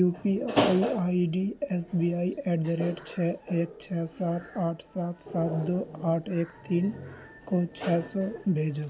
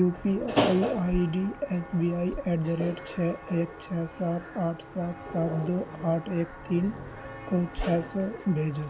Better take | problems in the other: first | background sound (Walk, footsteps); 13 dB below the speech

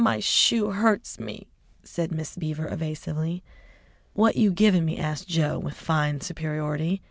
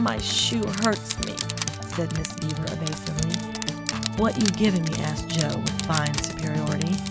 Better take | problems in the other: first | background sound (Crushing + Organ); 2 dB below the speech

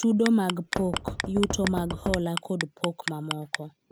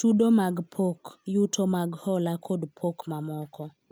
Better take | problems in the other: second | background sound (Knock + Clock); 6 dB below the speech

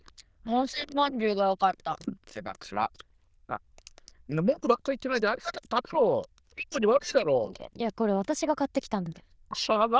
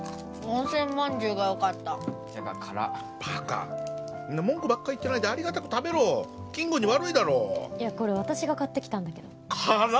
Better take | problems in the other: second | noise reduction (neural diffusion model UNIVERSE++)

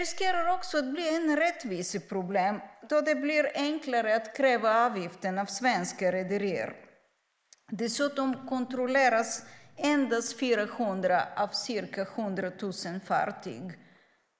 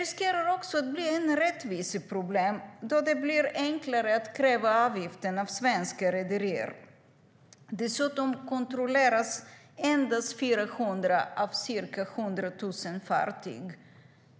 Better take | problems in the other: second | noise reduction (neural mask model Resemble Enhance denoiser)

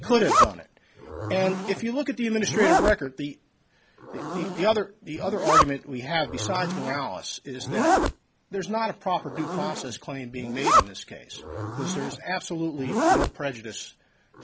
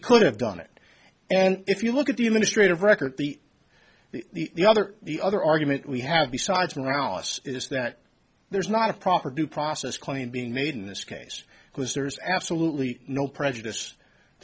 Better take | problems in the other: second | background sound (Zipper (clothing)); 1 dB above the speech

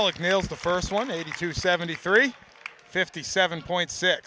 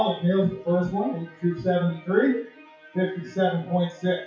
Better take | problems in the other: first | noise reduction (classical method WPE with log-MMSE)

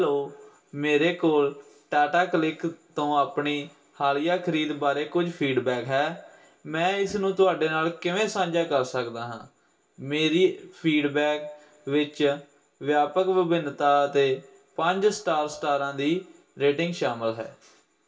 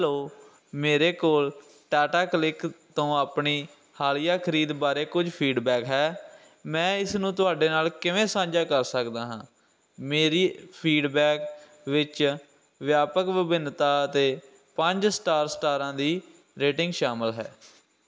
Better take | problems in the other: second | room echo; dies away in 0.2 s

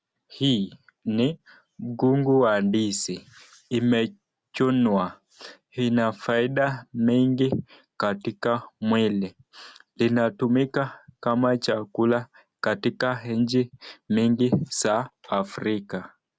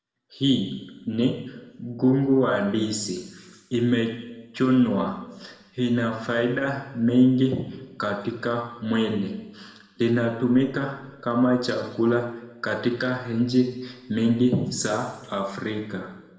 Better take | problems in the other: first | room echo; dies away in 1 s

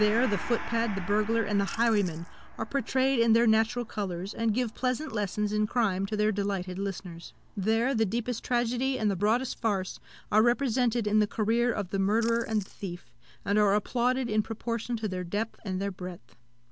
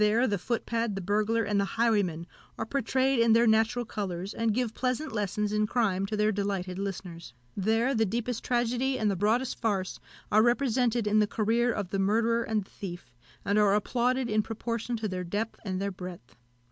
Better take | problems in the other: second | background sound (Splash, splatter + Gong); 14 dB below the speech

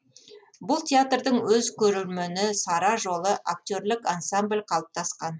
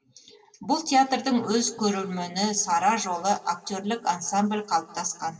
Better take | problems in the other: first | room echo; dies away in 1.7 s

